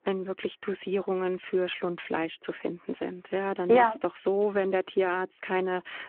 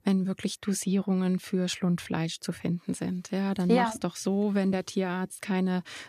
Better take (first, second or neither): second